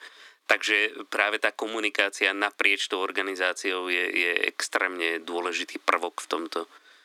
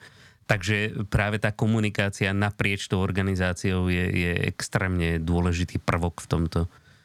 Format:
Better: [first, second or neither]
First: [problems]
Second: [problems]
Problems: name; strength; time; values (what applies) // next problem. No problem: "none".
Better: second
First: thin; very; fading below 300 Hz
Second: none